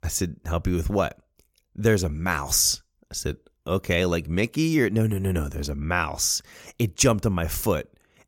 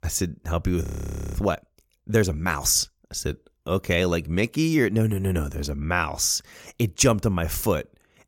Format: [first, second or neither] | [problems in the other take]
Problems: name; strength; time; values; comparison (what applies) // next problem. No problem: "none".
first | audio freezing; at 1 s for 0.5 s